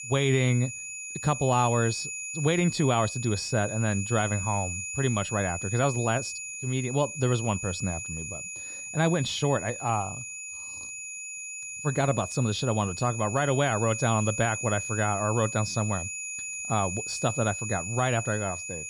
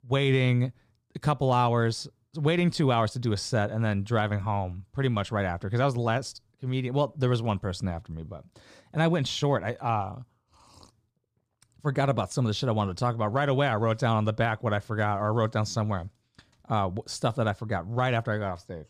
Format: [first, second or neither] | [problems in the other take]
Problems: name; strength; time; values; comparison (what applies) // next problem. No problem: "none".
second | high-pitched whine; loud; throughout; 2.5 kHz, 6 dB below the speech